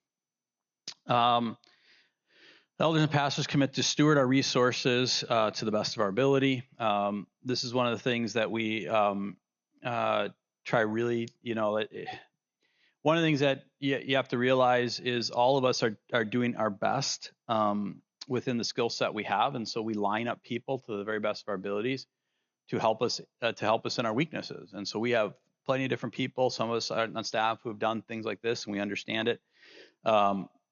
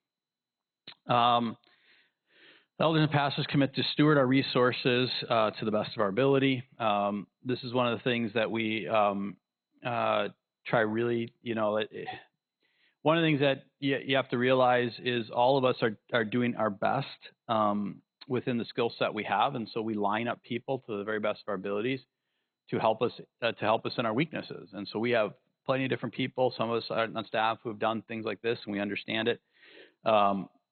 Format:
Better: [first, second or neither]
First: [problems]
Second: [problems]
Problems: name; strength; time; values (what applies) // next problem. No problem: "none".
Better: first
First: garbled, watery; slightly; nothing above 6.5 kHz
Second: garbled, watery; badly; nothing above 4 kHz